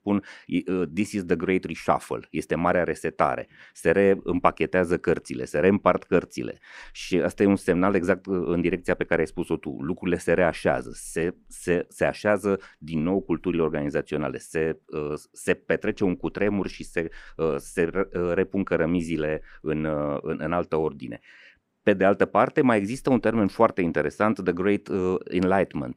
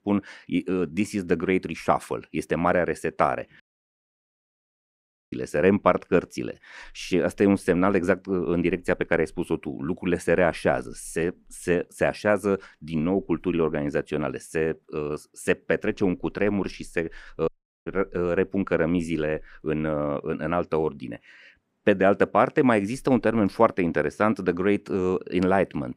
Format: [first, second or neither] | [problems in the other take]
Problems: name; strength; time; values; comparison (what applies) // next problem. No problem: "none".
first | audio cutting out; at 3.5 s for 1.5 s and at 17 s